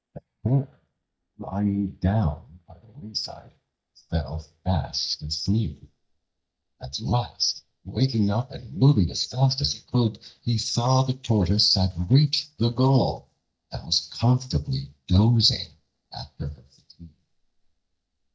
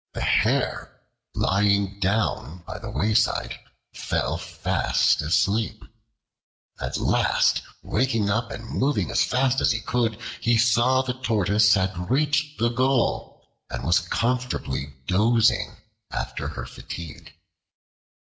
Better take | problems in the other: second | noise reduction (neural mask model DeepFilterNet 3)

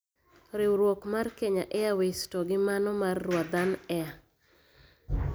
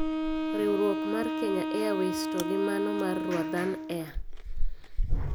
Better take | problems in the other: first | background sound (Wind instrument, woodwind instrument + Chewing, mastication); 3 dB above the speech

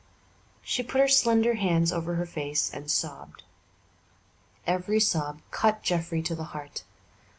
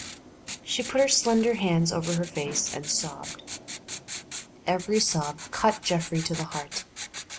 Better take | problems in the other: first | background sound (Writing); 12 dB below the speech

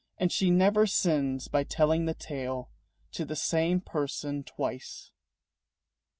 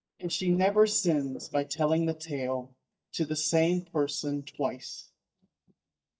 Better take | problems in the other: first | noise reduction (neural mask model DeepFilterNet 3)

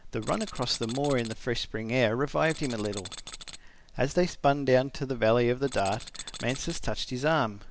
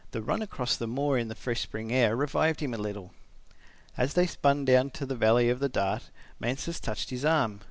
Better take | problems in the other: second | background sound (Tools); 14 dB below the speech

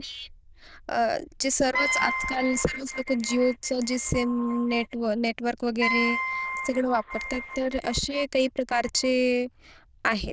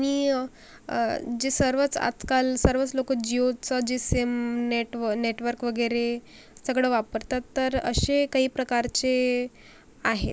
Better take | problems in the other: second | noise reduction (neural diffusion model UNIVERSE++)

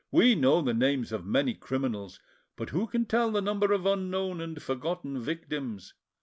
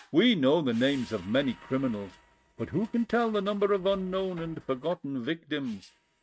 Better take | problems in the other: first | noise reduction (neural mask model RNNoise)

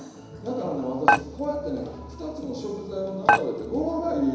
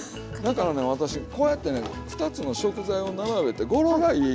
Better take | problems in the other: second | background sound (Dishes, pots, and pans); 3 dB above the speech // room echo; dies away in 1 s

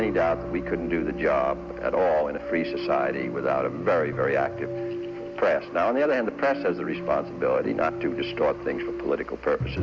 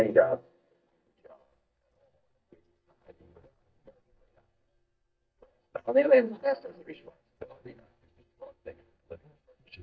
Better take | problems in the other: first | noise reduction (neural mask model DeepFilterNet 3)

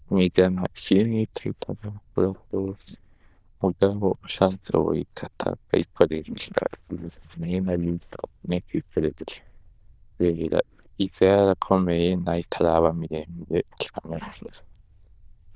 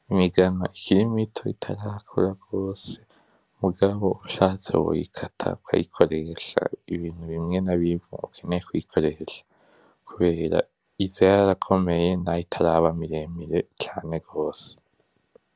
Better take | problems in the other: second | noise reduction (neural diffusion model UNIVERSE++)

